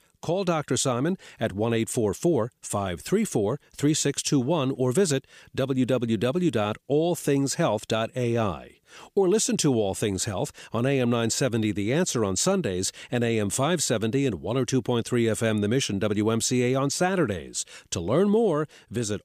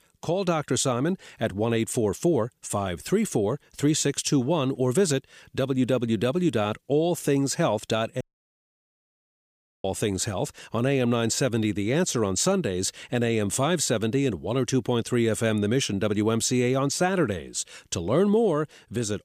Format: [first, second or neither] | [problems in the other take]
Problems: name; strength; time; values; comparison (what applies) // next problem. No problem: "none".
first | audio cutting out; at 8 s for 1.5 s